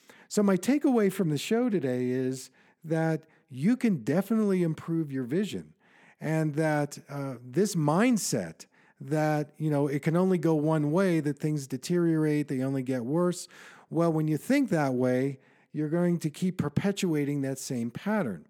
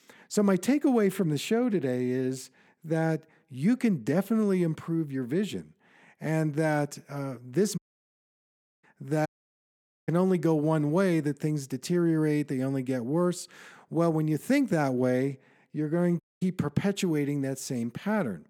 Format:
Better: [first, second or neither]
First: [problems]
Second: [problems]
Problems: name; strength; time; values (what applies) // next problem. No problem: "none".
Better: first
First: none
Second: audio cutting out; at 8 s for 1 s, at 9.5 s for 1 s and at 16 s